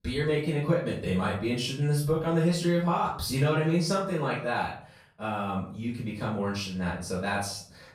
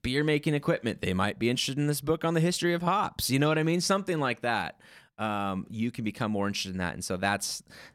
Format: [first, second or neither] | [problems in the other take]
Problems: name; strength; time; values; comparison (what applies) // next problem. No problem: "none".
second | off-mic speech; far // room echo; noticeable; dies away in 0.4 s